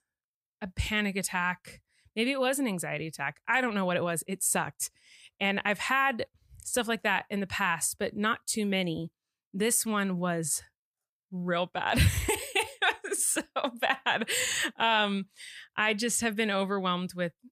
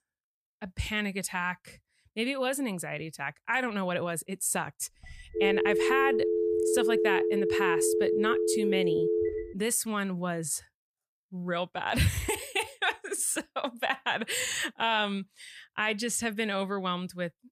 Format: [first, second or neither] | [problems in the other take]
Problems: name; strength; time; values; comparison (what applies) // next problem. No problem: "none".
first | phone ringing; loud; from 5 to 9.5 s; peak 4 dB above the speech